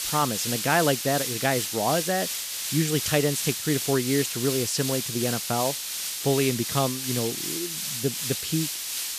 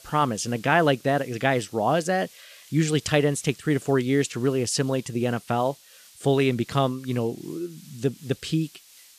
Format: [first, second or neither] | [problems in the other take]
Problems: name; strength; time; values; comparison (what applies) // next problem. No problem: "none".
second | hiss; loud; throughout; 1 dB below the speech; faint in the second